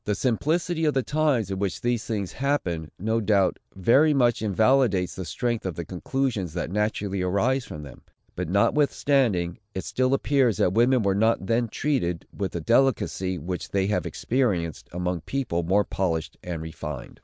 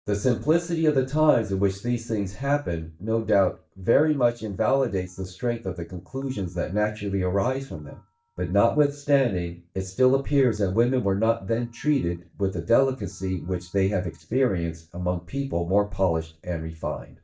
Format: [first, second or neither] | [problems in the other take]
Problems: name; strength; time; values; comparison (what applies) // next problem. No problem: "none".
first | noise reduction (neural mask model DeepFilterNet 3)